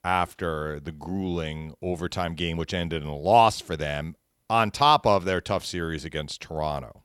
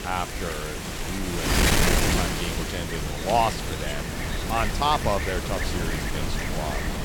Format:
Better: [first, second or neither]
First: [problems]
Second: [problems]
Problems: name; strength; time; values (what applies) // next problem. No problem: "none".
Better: first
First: none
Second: wind noise on the microphone; heavy; as loud as the speech